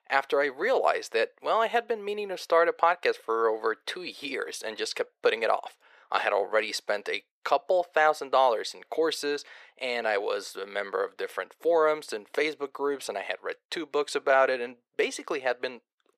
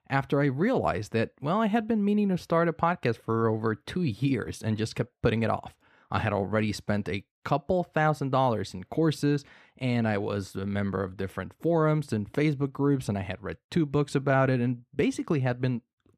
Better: second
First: thin; very; fading below 450 Hz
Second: none

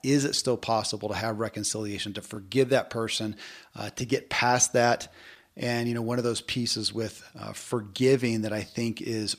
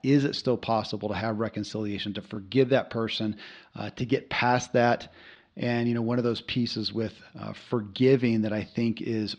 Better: first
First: none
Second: muffled; very slightly; fading above 4 kHz

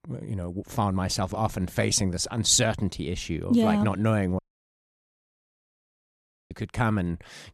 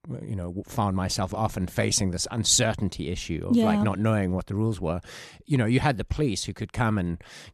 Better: second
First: audio cutting out; at 4.5 s for 2 s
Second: none

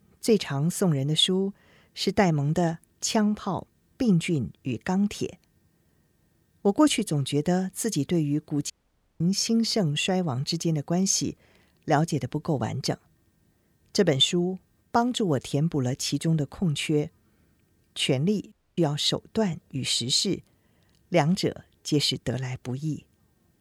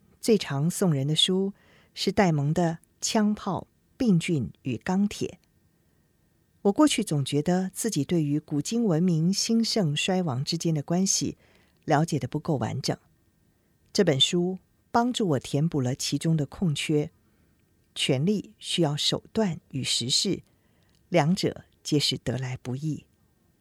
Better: second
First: audio cutting out; at 8.5 s for 0.5 s and at 19 s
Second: none

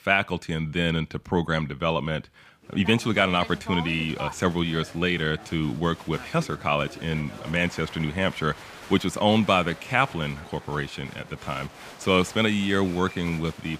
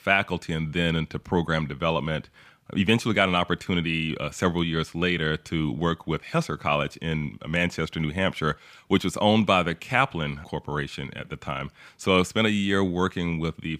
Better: second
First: crowd noise; noticeable; from 3 s on; 15 dB below the speech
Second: none

